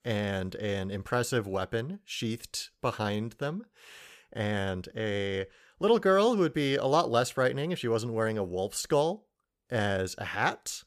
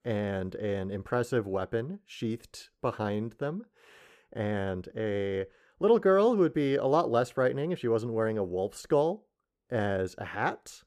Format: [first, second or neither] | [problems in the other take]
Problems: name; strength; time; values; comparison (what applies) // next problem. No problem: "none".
first | muffled; slightly; fading above 2.5 kHz